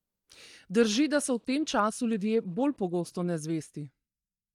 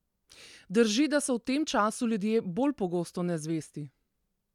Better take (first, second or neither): second